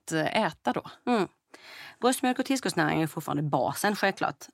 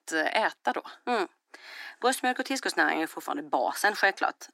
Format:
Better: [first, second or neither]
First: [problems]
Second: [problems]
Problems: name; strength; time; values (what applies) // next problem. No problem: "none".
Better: first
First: none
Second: thin; somewhat; fading below 300 Hz